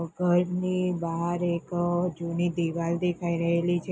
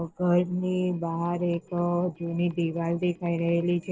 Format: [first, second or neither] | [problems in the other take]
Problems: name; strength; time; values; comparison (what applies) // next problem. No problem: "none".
first | noise reduction (neural separator model SepFormer DNS4)